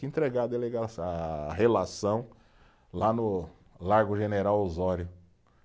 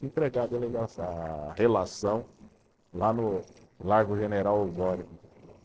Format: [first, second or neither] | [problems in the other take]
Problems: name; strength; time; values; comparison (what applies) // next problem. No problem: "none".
first | noise reduction (neural separator model SepFormer DNS4)